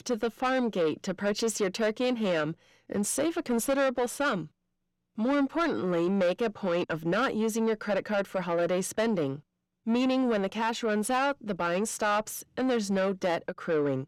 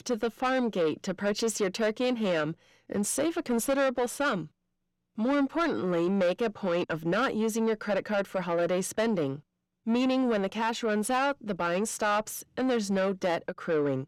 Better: neither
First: distortion; slight; 10 dB below the speech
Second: distortion; slight; 10 dB below the speech

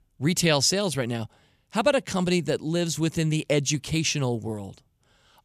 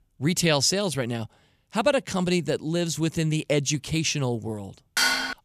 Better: first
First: none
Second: clattering dishes; loud; at 5 s; peak 3 dB above the speech

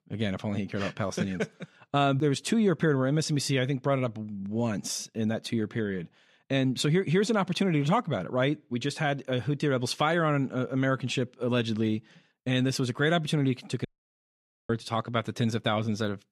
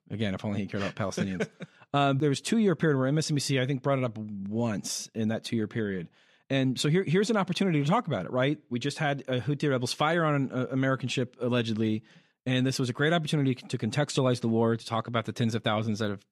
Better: second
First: audio cutting out; at 14 s for 1 s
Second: none

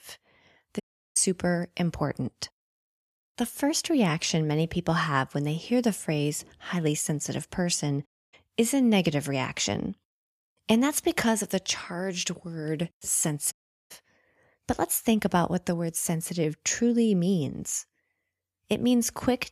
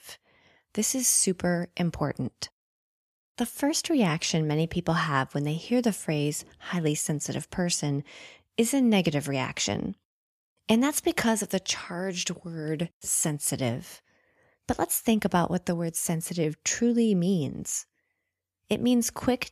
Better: second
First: audio cutting out; at 1 s, at 8 s and at 14 s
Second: none

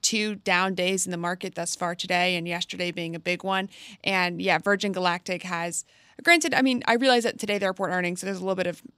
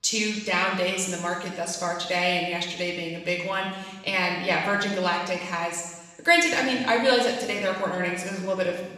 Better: first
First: none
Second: room echo; noticeable; dies away in 1.1 s // off-mic speech; far

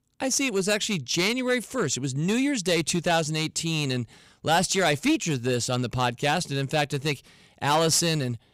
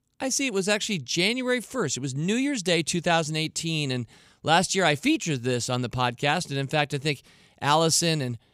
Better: second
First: distortion; slight; 5% of the sound clipped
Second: none

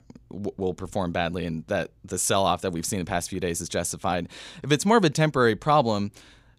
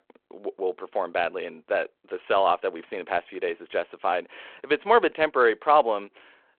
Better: first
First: none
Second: phone-call audio

